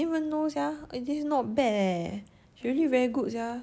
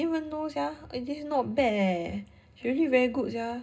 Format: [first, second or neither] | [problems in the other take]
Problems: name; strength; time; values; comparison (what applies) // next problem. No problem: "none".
first | room echo; dies away in 0.2 s